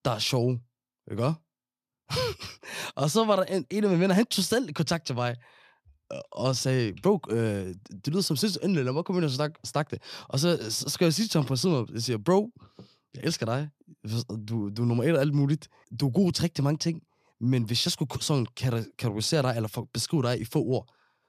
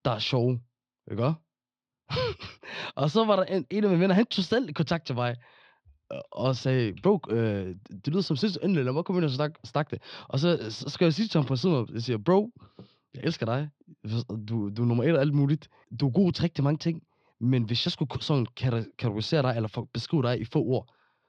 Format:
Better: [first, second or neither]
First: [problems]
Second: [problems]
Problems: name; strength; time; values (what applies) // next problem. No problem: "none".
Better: first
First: none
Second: muffled; very slightly; fading above 4 kHz